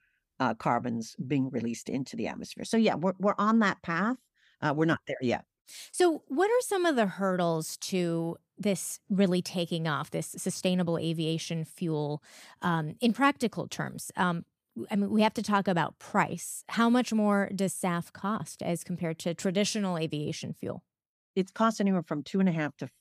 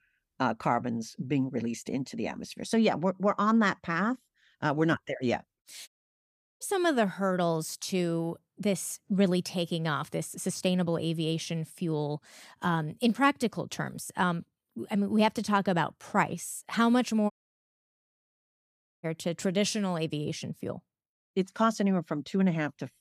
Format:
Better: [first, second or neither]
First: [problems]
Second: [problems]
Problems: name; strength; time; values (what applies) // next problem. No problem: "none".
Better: first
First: none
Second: audio cutting out; at 6 s for 0.5 s and at 17 s for 1.5 s